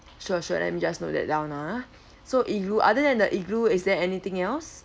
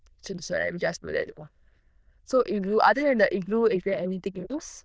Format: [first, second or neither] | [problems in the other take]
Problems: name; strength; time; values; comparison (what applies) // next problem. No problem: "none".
first | noise reduction (neural diffusion model UNIVERSE++)